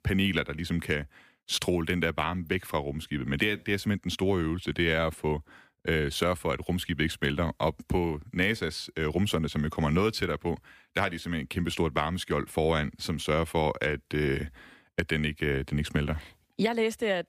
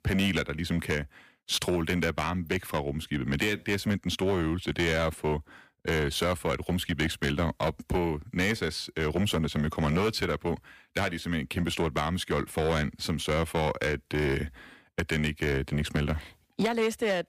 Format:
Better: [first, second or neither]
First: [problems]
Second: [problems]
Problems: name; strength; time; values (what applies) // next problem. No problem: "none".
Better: first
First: none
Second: distortion; slight; 7% of the sound clipped